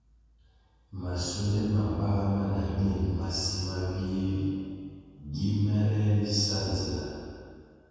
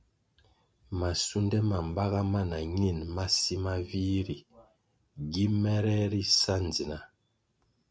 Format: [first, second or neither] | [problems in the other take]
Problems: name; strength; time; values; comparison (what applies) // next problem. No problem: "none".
second | room echo; dies away in 2.1 s